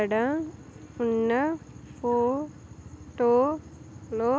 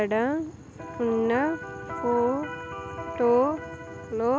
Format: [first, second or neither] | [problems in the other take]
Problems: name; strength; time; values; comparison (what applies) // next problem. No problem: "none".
first | background sound (Electric guitar); 10 dB below the speech